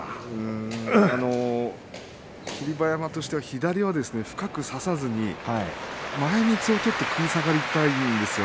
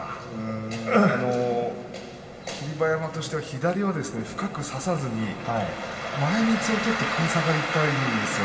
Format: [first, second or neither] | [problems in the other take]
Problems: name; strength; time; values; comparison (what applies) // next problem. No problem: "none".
first | room echo; dies away in 2.3 s